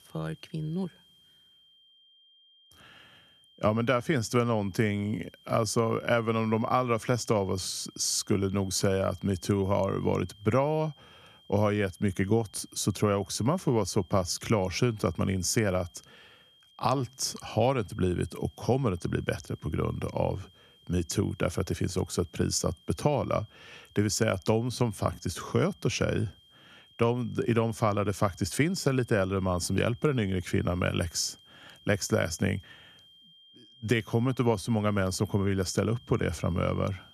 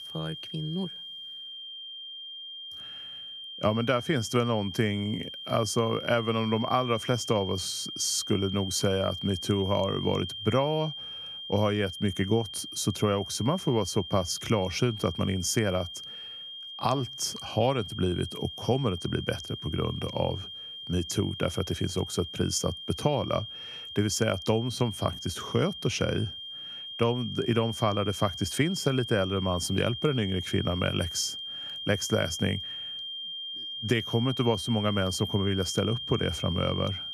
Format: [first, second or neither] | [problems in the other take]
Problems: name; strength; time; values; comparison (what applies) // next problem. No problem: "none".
first | high-pitched whine; loud; throughout; 3 kHz, 8 dB below the speech; faint in the first